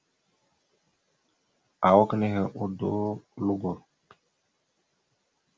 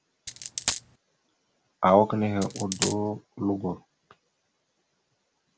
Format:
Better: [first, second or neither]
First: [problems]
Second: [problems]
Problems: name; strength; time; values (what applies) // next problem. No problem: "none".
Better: first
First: none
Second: background sound (Coin (dropping)); 4 dB below the speech